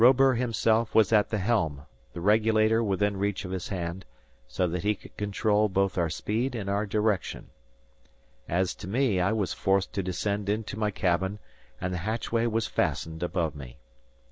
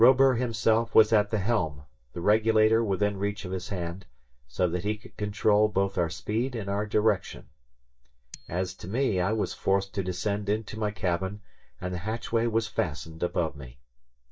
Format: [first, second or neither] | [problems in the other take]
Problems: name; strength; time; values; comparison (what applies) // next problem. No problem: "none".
first | noise reduction (neural mask model DeepFilterNet 3)